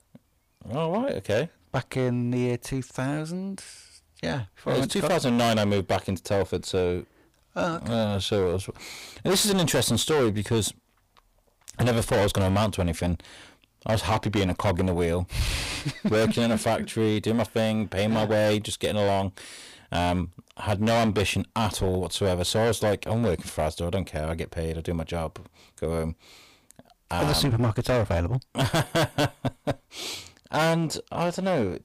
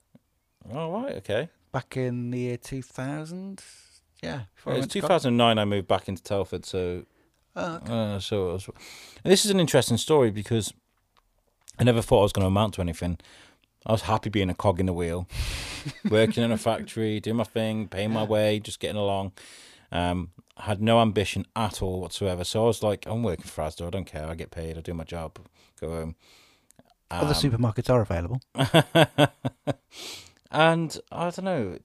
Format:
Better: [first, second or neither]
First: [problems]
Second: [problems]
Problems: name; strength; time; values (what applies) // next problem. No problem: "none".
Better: second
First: distortion; heavy; 13% of the sound clipped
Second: none